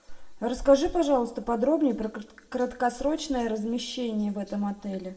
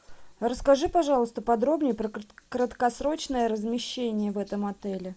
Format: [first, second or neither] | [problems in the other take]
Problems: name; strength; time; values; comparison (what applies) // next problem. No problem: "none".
second | room echo; dies away in 0.6 s